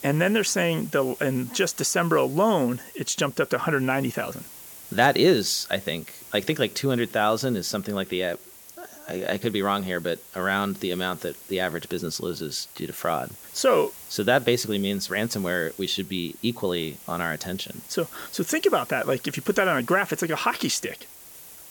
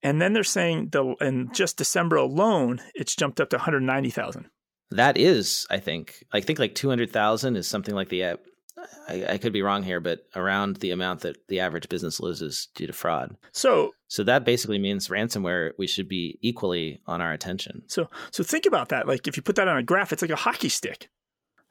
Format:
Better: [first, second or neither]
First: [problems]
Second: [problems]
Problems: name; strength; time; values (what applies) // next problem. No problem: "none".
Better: second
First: hiss; noticeable; throughout; 15 dB below the speech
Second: none